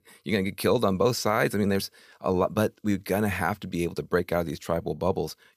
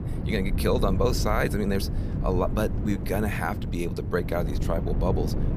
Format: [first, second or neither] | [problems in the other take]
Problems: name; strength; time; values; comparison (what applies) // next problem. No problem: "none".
first | wind noise on the microphone; occasional gusts; 10 dB below the speech